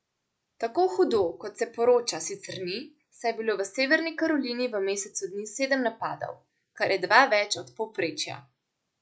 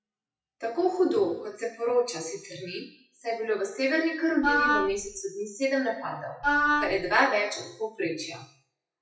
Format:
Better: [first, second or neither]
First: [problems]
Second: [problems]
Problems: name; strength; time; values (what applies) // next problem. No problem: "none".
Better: first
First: none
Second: noise reduction (classical method WPE with log-MMSE)